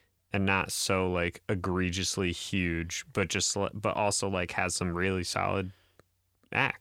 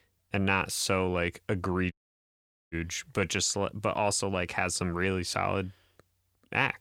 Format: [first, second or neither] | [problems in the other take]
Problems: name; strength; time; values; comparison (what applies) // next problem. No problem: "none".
first | audio cutting out; at 2 s for 1 s